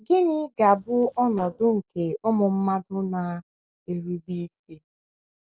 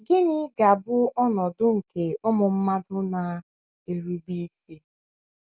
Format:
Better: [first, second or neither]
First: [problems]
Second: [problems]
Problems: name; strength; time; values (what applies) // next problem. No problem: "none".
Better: second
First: noise reduction (neural separator model SepFormer DNS4)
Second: none